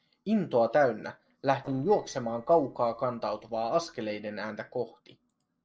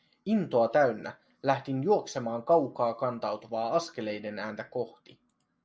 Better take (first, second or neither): second